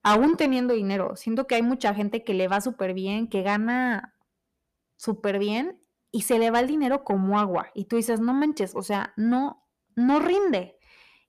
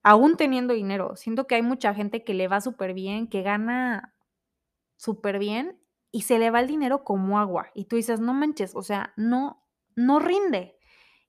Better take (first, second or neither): second